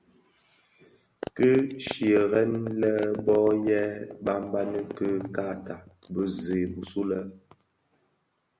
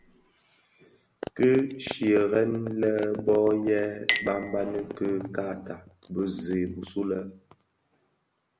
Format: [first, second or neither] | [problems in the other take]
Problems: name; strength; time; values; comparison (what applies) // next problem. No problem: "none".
first | background sound (Chink, clink); 13 dB below the speech